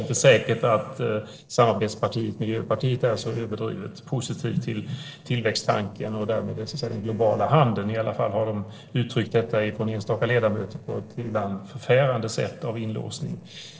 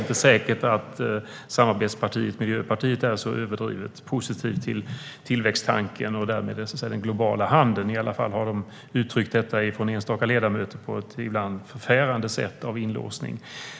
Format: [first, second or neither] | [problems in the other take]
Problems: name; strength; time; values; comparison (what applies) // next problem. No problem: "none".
second | noise reduction (neural separator model SepFormer DNS4)